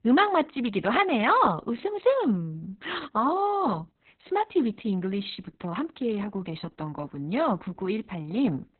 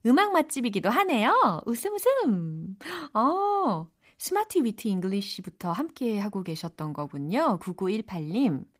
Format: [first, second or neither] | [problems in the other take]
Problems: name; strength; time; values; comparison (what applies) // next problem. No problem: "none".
second | garbled, watery; badly; nothing above 4 kHz; slightly in the second